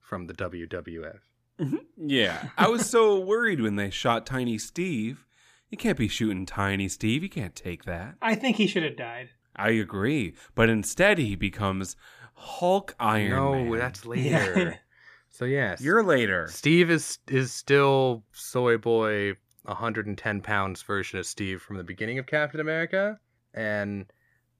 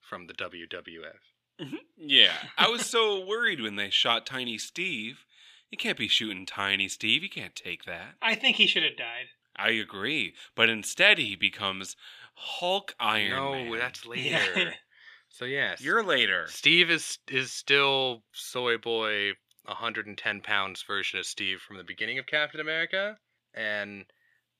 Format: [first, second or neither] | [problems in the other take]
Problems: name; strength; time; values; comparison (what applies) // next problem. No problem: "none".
first | thin; somewhat; fading below 400 Hz